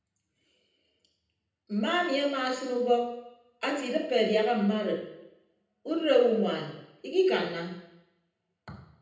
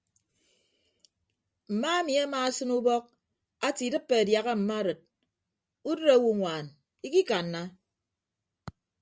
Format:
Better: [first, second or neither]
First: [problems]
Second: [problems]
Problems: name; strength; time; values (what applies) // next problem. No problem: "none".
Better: second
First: room echo; dies away in 0.8 s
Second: none